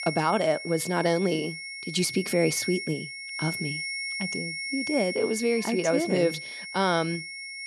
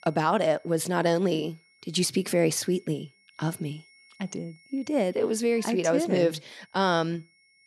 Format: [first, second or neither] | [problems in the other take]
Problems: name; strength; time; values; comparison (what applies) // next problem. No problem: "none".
second | high-pitched whine; loud; throughout; 2 kHz, 6 dB below the speech; faint in the second